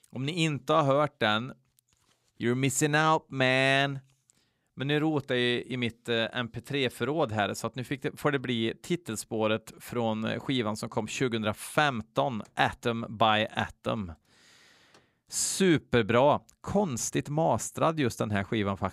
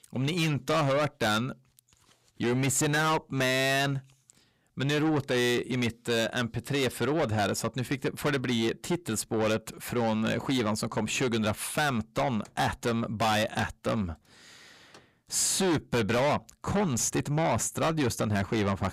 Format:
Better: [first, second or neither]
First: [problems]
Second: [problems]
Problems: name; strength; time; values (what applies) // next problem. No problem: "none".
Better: first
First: none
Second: distortion; heavy; 6 dB below the speech